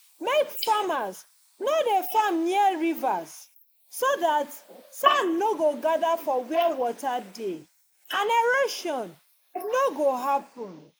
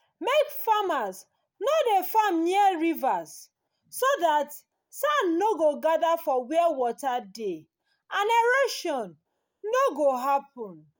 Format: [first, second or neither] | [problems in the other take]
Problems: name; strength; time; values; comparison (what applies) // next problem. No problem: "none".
second | noise reduction (neural mask model Resemble Enhance denoiser)